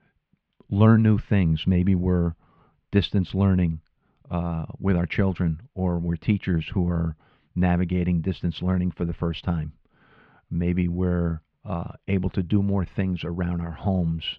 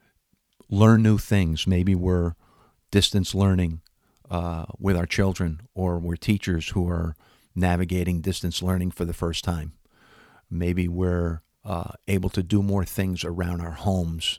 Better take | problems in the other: second | muffled; very; fading above 3 kHz

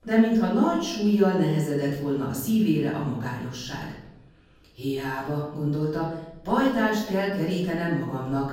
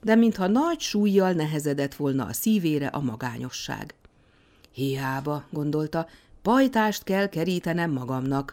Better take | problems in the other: second | room echo; noticeable; dies away in 0.8 s // off-mic speech; far

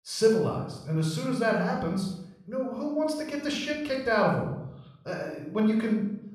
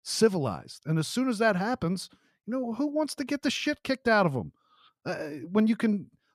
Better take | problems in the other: second | room echo; noticeable; dies away in 0.7 s // off-mic speech; somewhat distant

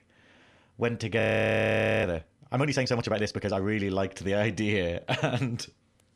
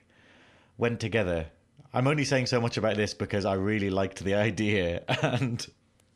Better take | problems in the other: second | audio freezing; at 1 s for 1 s

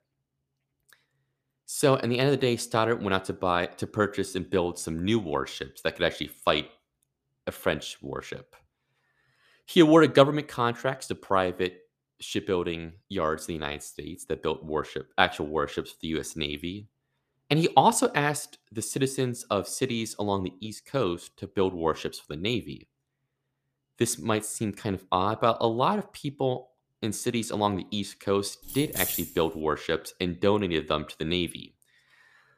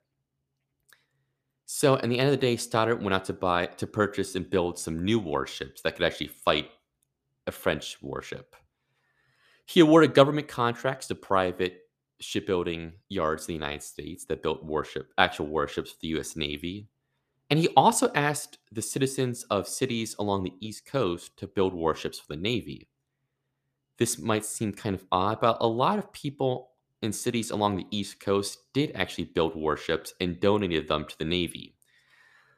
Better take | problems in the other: second | jangling keys; noticeable; at 29 s; peak 1 dB below the speech

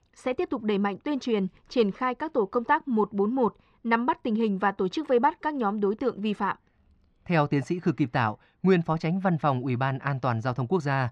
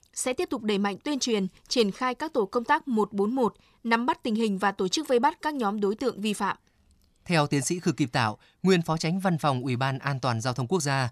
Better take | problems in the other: second | muffled; slightly; fading above 2 kHz

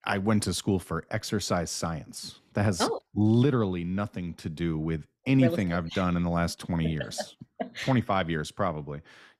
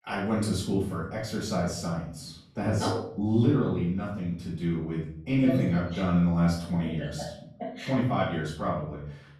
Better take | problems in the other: first | off-mic speech; far // room echo; noticeable; dies away in 0.6 s

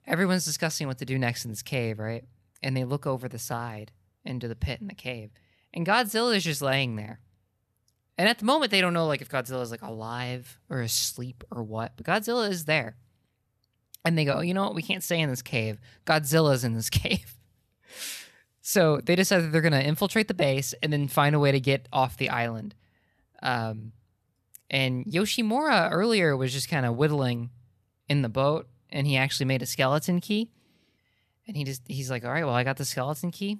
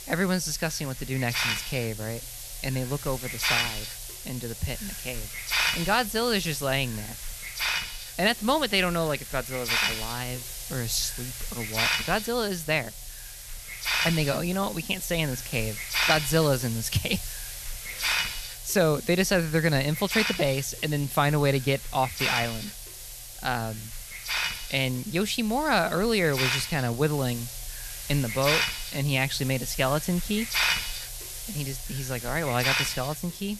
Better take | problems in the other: first | hiss; loud; throughout; 3 dB below the speech

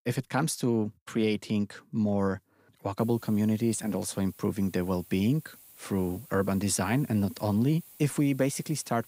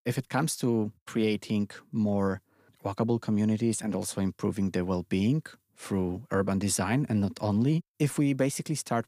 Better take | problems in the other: second | hiss; faint; from 3 s on; 20 dB below the speech

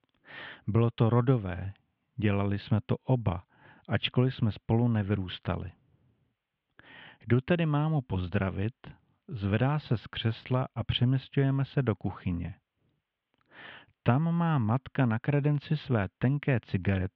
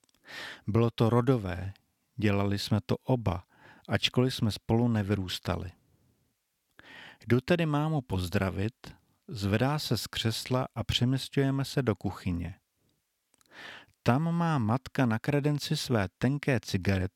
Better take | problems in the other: second | muffled; very; fading above 3 kHz

